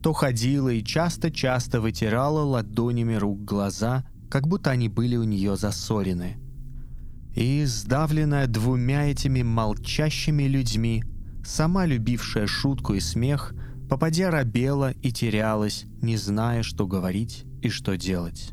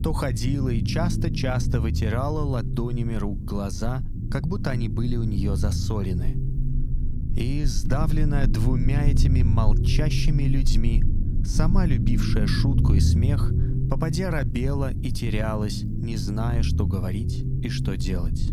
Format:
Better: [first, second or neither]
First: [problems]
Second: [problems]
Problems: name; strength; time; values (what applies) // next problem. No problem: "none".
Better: first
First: low rumble; faint; throughout; 25 dB below the speech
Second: low rumble; loud; throughout; 5 dB below the speech